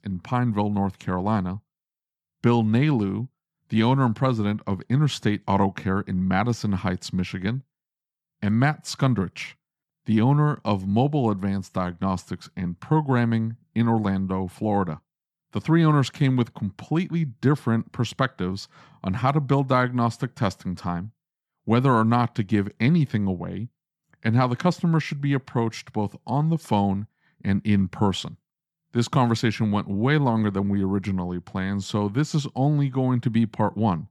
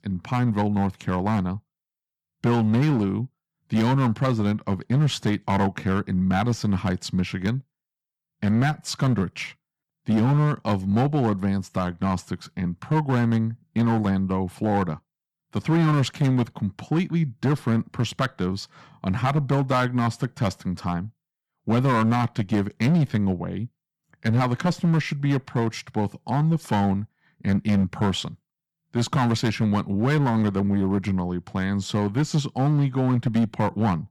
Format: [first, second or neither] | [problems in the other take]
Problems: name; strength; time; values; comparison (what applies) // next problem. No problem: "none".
first | distortion; slight; 6% of the sound clipped